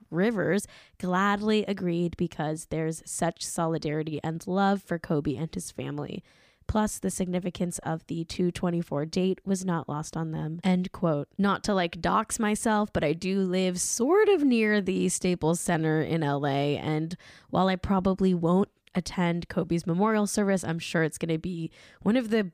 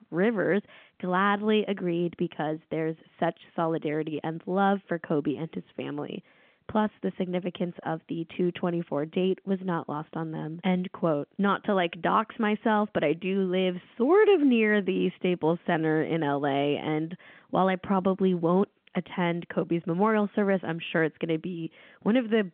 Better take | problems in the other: first | phone-call audio

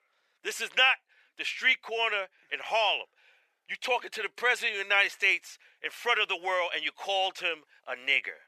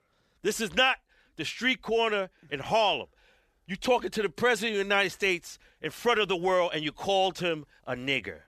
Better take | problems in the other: second | thin; very; fading below 650 Hz

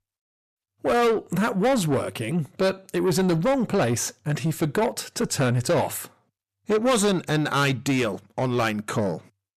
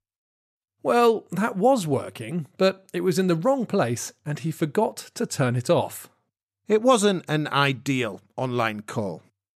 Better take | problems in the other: second | distortion; heavy; 7 dB below the speech

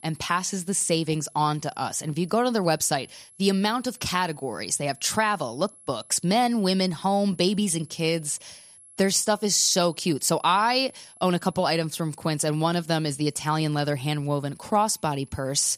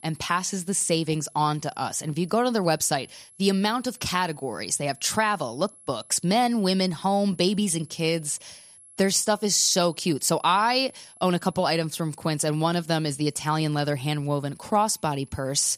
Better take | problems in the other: neither | high-pitched whine; faint; throughout; 11 kHz, 25 dB below the speech; the same in both

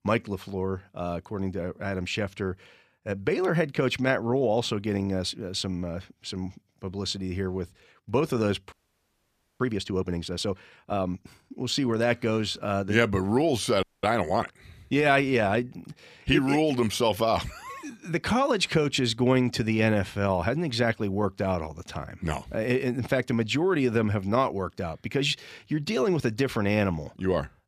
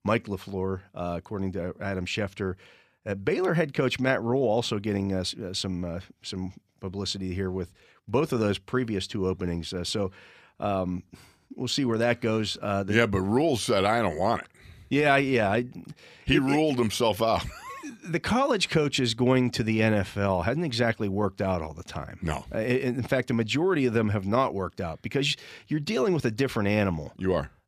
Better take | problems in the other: second | audio freezing; at 8.5 s for 1 s and at 14 s

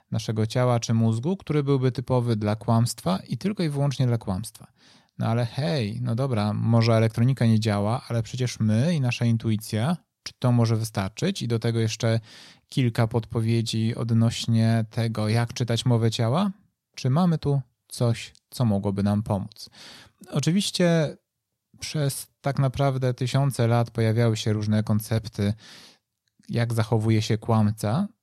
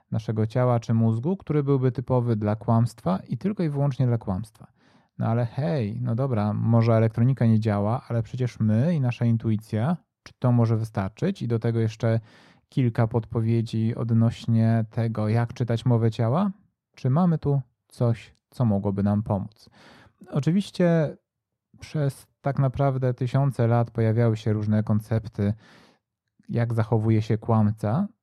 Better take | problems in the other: first | muffled; slightly; fading above 2.5 kHz

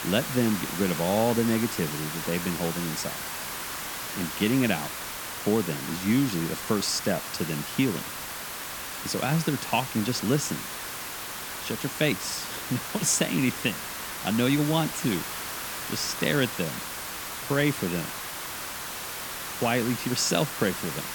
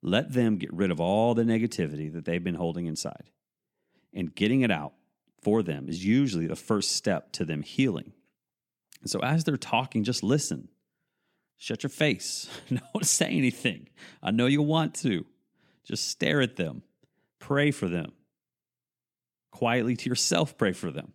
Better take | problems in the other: second | hiss; loud; throughout; 5 dB below the speech

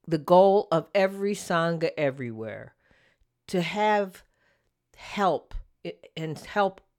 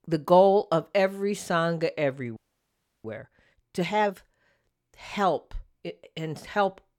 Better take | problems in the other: first | audio freezing; at 2.5 s for 0.5 s

